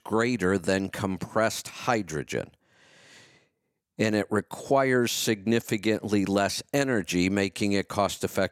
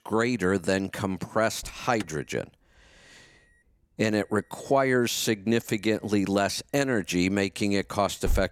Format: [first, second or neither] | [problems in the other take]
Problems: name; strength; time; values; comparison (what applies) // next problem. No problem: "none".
first | alarm; noticeable; from 2 s on; peak 7 dB below the speech